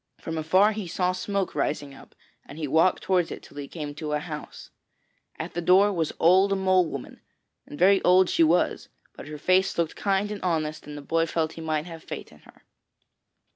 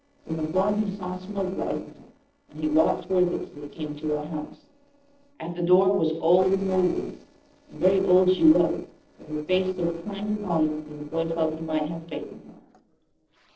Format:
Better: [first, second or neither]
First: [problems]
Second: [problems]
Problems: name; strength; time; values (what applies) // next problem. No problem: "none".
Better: first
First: none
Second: noise reduction (neural separator model SepFormer DNS4)